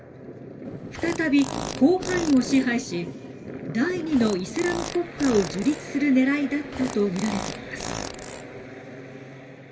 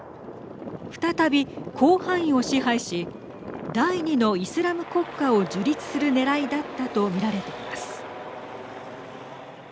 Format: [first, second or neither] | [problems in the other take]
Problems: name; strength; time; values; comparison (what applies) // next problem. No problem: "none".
second | background sound (Fart); 11 dB below the speech // room echo; dies away in 2.3 s